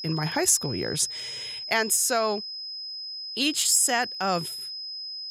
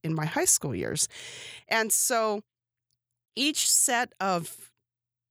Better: second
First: high-pitched whine; loud; throughout; 5 kHz, 9 dB below the speech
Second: none

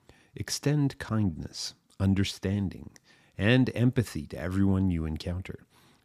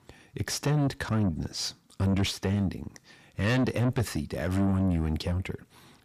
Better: first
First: none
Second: distortion; heavy; 7 dB below the speech

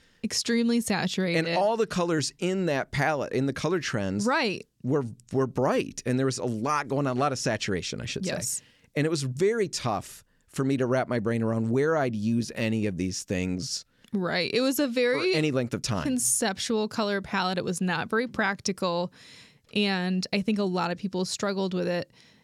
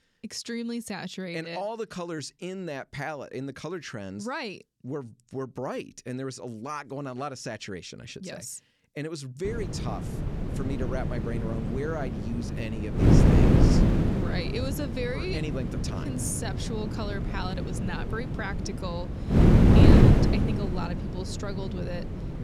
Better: first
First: none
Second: wind noise on the microphone; heavy; from 9.5 s on; 4 dB above the speech

